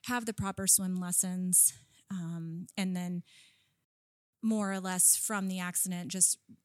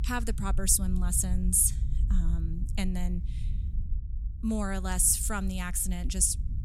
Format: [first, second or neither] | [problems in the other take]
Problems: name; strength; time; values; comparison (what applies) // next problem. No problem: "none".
first | low rumble; faint; throughout; 20 dB below the speech